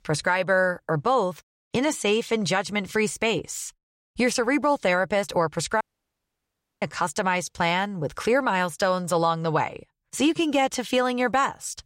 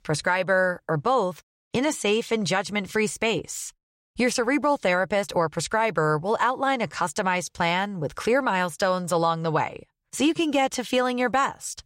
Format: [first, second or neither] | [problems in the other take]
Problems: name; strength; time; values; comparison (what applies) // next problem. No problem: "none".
second | audio cutting out; at 6 s for 1 s